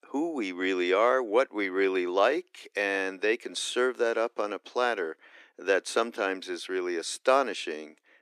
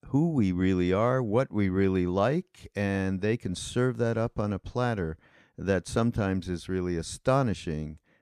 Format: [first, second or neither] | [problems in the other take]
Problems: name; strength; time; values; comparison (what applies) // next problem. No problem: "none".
second | thin; somewhat; fading below 300 Hz